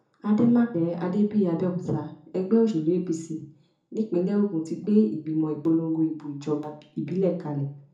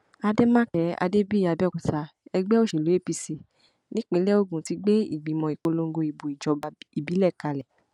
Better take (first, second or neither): second